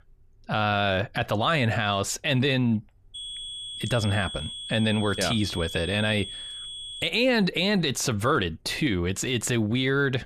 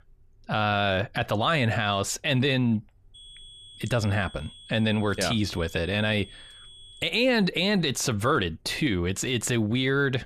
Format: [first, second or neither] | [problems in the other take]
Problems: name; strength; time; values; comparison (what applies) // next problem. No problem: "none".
second | high-pitched whine; loud; from 3 to 7 s; 3.5 kHz, 10 dB below the speech; faint in the second